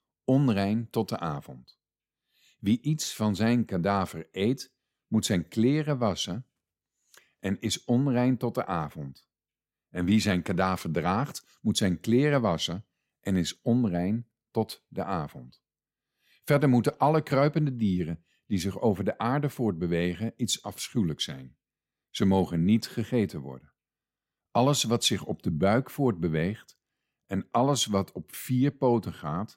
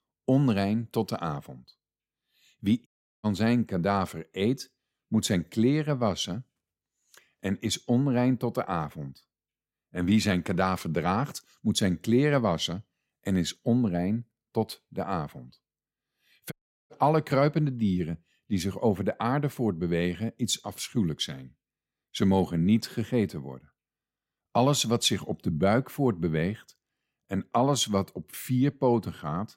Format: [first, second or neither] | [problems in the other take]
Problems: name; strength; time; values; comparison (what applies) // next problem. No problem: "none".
first | audio cutting out; at 3 s and at 17 s